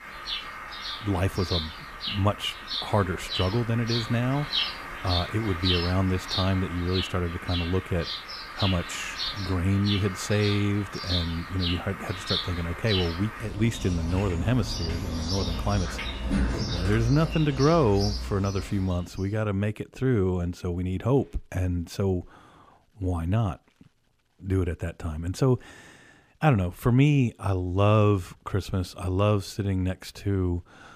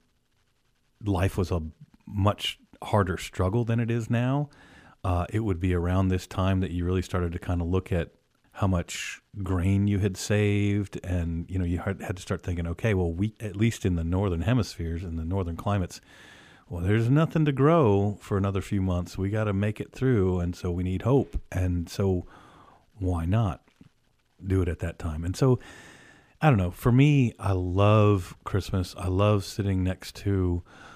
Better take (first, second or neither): second